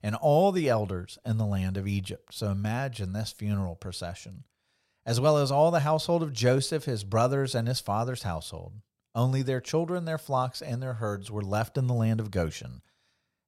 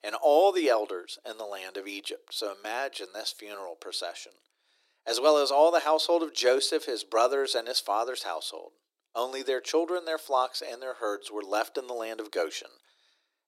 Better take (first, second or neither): first